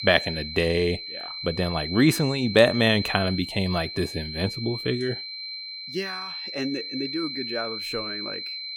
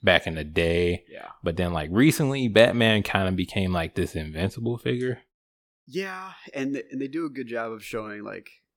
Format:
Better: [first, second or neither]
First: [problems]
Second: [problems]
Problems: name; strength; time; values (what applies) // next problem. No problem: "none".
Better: second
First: high-pitched whine; loud; throughout; 4 kHz, 7 dB below the speech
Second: none